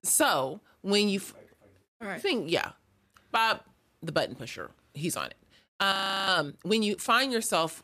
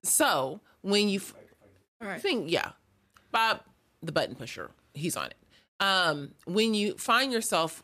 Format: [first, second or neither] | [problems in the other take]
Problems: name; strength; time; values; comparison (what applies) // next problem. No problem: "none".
second | audio freezing; at 6 s